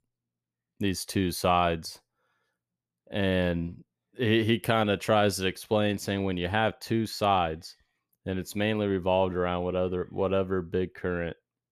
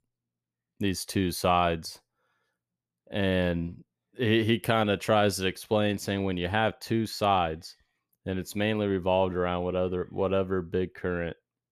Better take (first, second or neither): neither